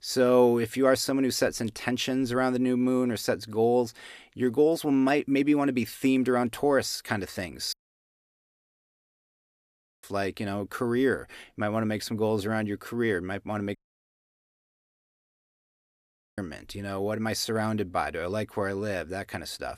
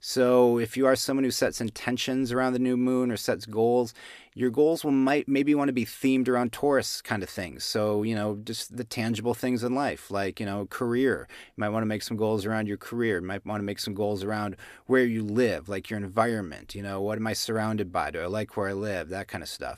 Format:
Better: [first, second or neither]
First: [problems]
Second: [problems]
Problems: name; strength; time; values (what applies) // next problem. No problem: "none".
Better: second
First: audio cutting out; at 7.5 s for 2.5 s and at 14 s for 2.5 s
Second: none